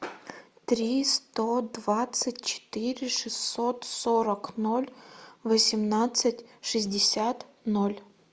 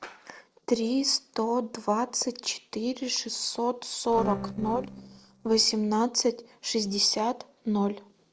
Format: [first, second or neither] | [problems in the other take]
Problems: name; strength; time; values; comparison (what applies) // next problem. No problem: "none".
first | noise reduction (neural separator model SepFormer DNS4)